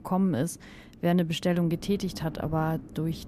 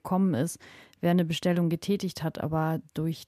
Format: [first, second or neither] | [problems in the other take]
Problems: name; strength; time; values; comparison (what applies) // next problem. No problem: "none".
second | wind noise on the microphone; occasional gusts; 20 dB below the speech